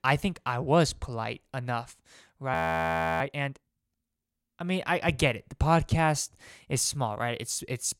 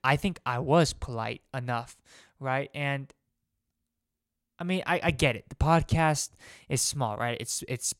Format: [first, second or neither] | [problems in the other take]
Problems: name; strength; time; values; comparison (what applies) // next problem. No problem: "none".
second | audio freezing; at 2.5 s for 0.5 s